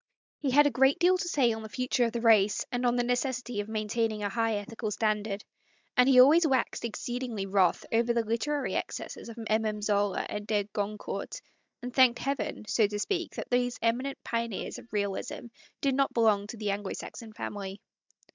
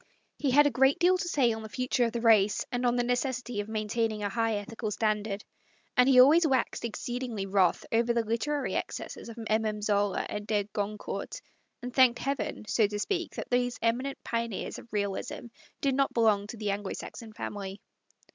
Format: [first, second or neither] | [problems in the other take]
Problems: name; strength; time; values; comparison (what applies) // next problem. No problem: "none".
second | noise reduction (neural mask model DeepFilterNet 3)